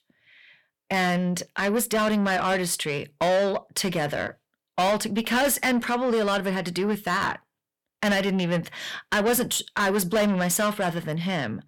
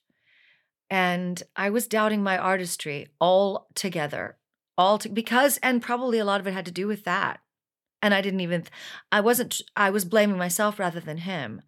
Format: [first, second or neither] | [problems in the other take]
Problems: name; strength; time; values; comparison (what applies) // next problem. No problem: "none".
second | distortion; heavy; 7 dB below the speech